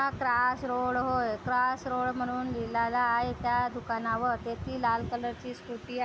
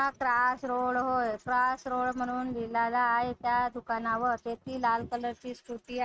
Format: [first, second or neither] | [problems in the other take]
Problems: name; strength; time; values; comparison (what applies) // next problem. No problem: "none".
first | noise reduction (neural mask model RNNoise)